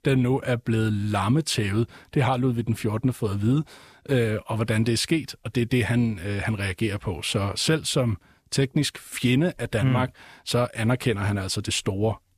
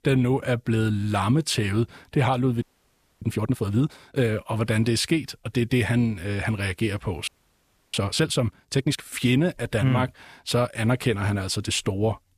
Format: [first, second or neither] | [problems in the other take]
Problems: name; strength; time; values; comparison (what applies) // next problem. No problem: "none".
first | audio freezing; at 2.5 s for 0.5 s and at 7.5 s for 0.5 s